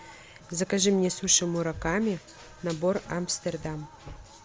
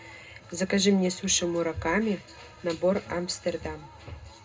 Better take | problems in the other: first | room echo; dies away in 0.2 s

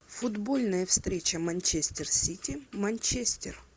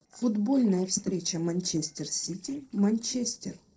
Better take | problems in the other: first | noise reduction (neural separator model SepFormer DNS4)

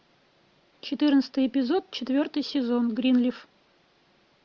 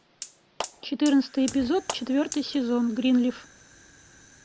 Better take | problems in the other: first | background sound (Clapping + Fire); 15 dB below the speech

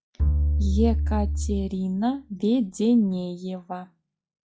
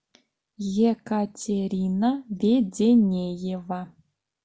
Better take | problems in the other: second | noise reduction (classical method log-MMSE)

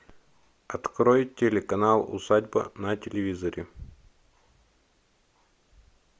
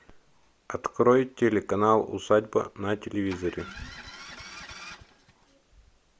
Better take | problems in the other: first | background sound (Engine starting); 16 dB below the speech

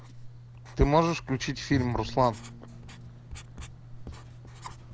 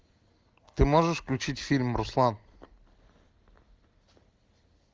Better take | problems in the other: second | background sound (Writing + Bowed string instrument); 11 dB below the speech

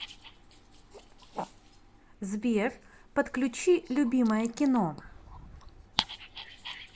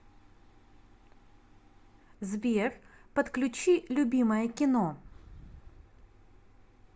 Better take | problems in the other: second | background sound (Dog); 12 dB below the speech

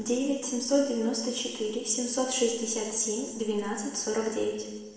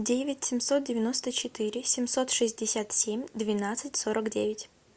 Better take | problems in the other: second | room echo; dies away in 1.1 s

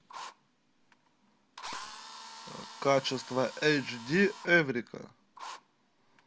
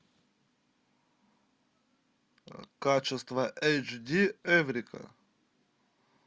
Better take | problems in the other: second | background sound (Drill); 15 dB below the speech

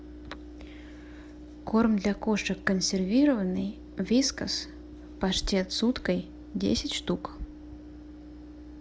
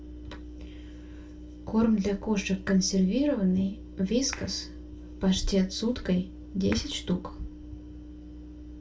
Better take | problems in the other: first | background sound (Clapping); 20 dB below the speech // room echo; dies away in 0.2 s

